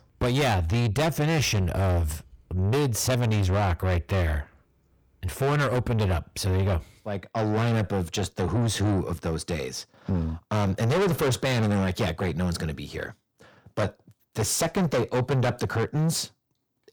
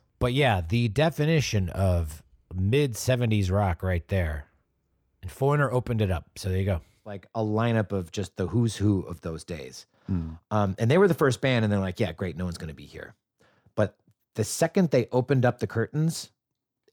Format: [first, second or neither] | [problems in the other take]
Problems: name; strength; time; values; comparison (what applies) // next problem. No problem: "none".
second | distortion; heavy; 6 dB below the speech